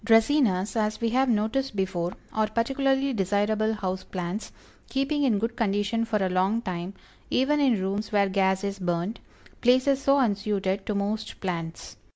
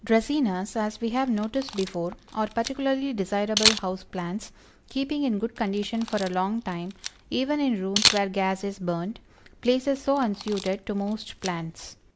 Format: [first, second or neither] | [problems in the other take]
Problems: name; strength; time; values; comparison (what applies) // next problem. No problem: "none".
first | background sound (Camera); 7 dB below the speech